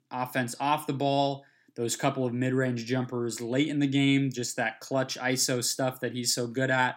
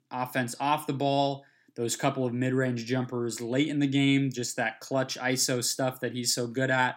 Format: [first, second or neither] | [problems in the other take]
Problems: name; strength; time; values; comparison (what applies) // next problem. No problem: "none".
neither | none